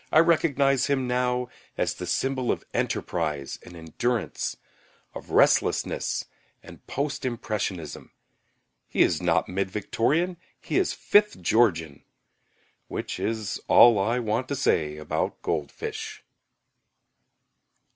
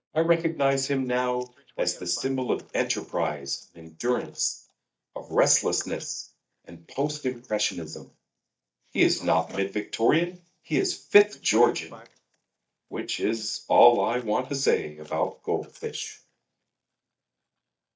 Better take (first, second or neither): first